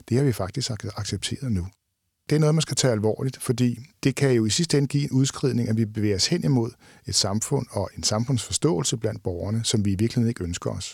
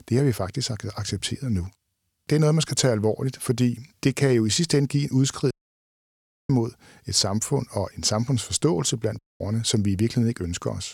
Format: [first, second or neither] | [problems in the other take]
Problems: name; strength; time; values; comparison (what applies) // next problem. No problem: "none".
first | audio cutting out; at 5.5 s for 1 s and at 9 s